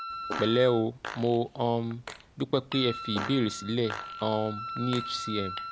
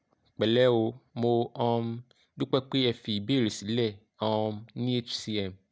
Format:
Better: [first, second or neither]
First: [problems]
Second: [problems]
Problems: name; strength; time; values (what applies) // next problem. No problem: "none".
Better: second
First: background sound (Wind instrument, woodwind instrument + Fart); 9 dB below the speech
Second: none